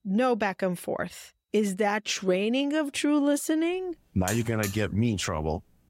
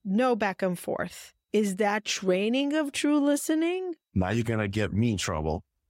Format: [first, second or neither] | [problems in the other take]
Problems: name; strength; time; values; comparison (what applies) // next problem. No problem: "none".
second | alarm; noticeable; at 4.5 s; peak 8 dB below the speech